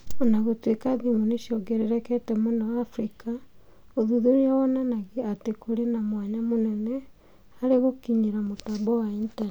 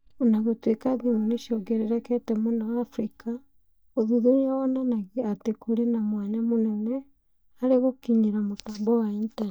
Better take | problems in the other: first | noise reduction (neural mask model DeepFilterNet 3)

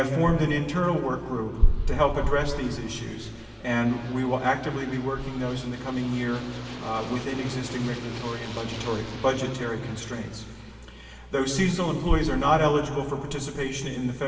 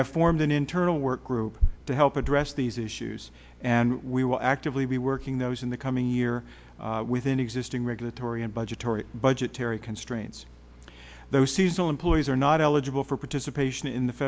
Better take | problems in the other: second | background sound (Aircraft); 18 dB below the speech // room echo; dies away in 2 s

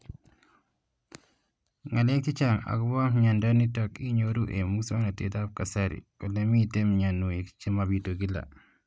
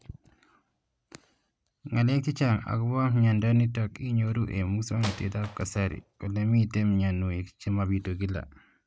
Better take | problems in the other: first | background sound (Wood); 16 dB below the speech

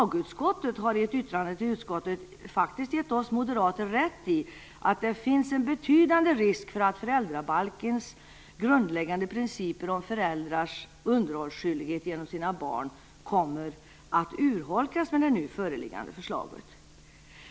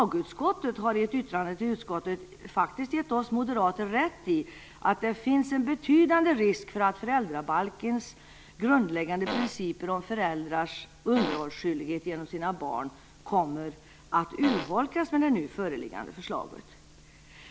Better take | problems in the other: first | background sound (Fart); 5 dB below the speech

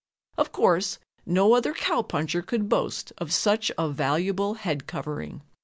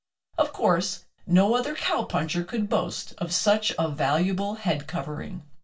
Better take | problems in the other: first | room echo; dies away in 0.2 s

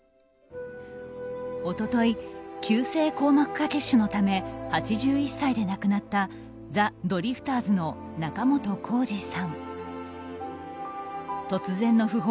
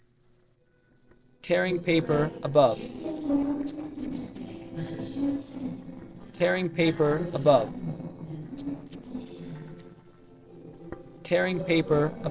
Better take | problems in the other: first | noise reduction (neural separator model SepFormer DNS4)

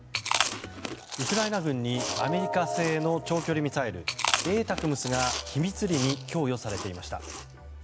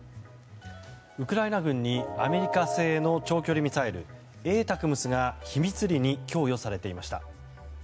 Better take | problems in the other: second | background sound (Chewing, mastication); 5 dB below the speech

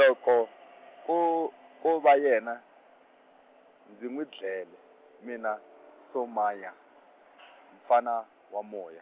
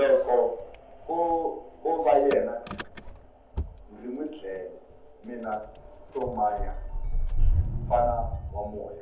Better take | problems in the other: first | background sound (Engine starting / Motor vehicle (road)); 3 dB below the speech // room echo; dies away in 0.6 s

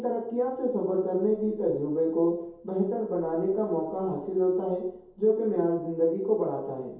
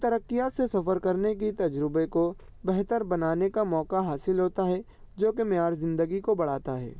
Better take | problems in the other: second | room echo; dies away in 0.7 s

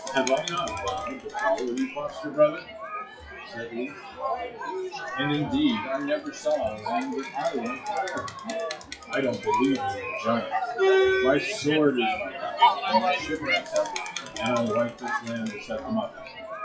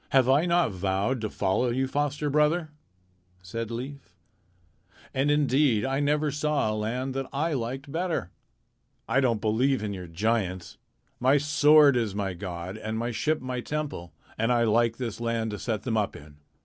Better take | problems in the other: second | noise reduction (classical method WPE with log-MMSE)

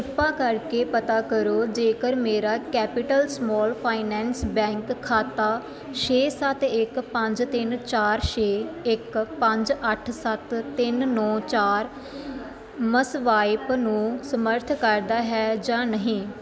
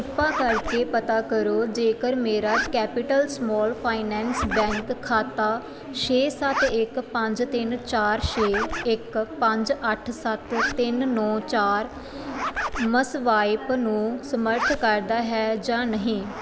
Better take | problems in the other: first | background sound (Zipper (clothing)); 10 dB below the speech

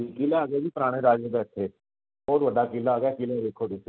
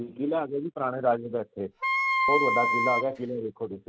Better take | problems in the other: first | background sound (Wind instrument, woodwind instrument); 3 dB above the speech

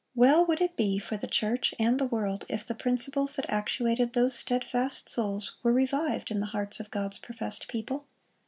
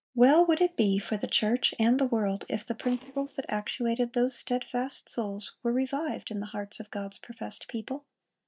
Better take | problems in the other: first | noise reduction (neural mask model DeepFilterNet 3)

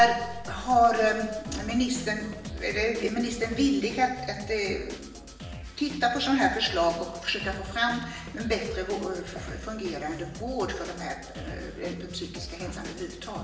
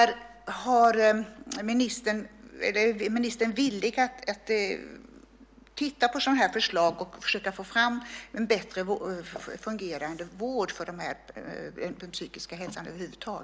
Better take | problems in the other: second | background sound (Drum kit); 13 dB below the speech // room echo; dies away in 0.9 s

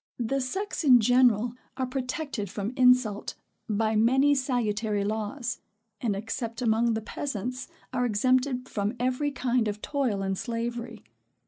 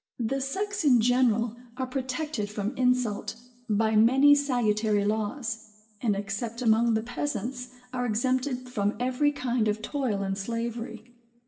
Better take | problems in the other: first | room echo; dies away in 0.7 s

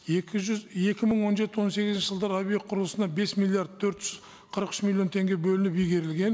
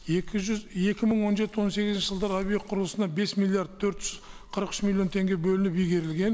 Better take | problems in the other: first | background sound (Dog); 17 dB below the speech

